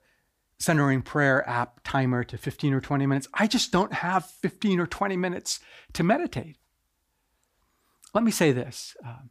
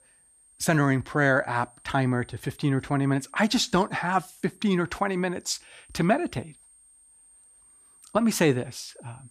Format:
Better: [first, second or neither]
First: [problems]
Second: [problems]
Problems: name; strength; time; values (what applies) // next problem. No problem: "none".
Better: first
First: none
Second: high-pitched whine; faint; throughout; 8.5 kHz, 30 dB below the speech